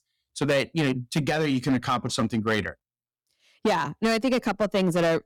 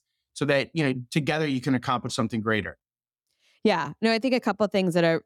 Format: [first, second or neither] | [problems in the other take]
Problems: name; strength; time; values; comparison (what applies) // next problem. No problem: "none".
second | distortion; slight; 7% of the sound clipped